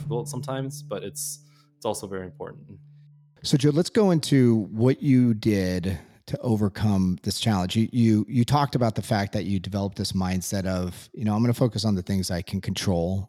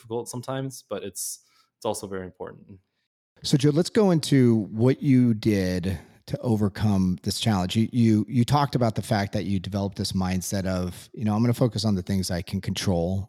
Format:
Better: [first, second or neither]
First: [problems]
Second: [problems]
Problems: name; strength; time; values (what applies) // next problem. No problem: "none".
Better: second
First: background music; noticeable; until 3 s; 20 dB below the speech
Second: none